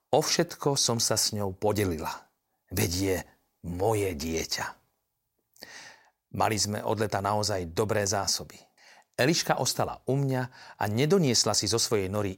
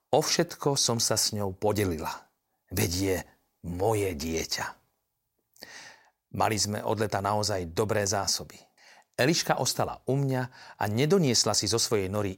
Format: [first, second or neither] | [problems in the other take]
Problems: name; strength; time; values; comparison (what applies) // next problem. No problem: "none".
neither | none